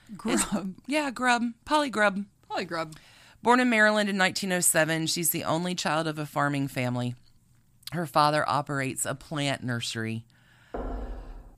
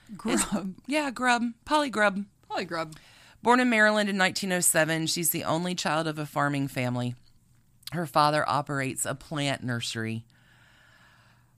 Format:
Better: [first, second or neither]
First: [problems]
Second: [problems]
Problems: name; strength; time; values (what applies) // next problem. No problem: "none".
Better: second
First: door banging; faint; at 11 s; peak 10 dB below the speech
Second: none